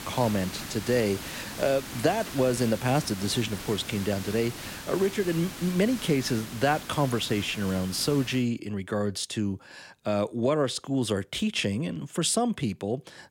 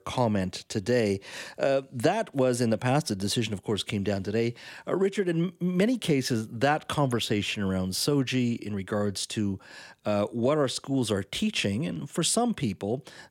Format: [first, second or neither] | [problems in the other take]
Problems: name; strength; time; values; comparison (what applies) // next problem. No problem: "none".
second | hiss; noticeable; until 8.5 s; 10 dB below the speech